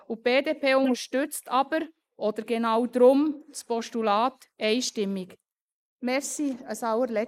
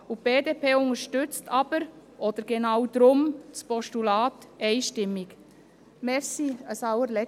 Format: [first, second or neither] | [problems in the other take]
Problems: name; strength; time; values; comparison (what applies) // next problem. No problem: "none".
second | noise reduction (neural mask model Resemble Enhance denoiser)